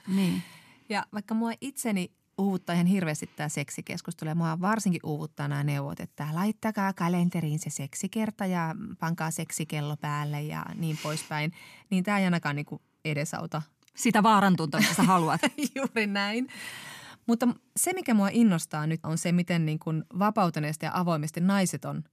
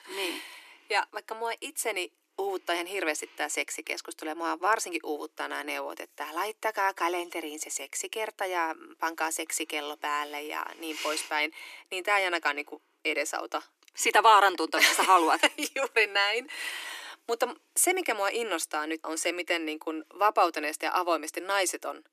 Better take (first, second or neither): first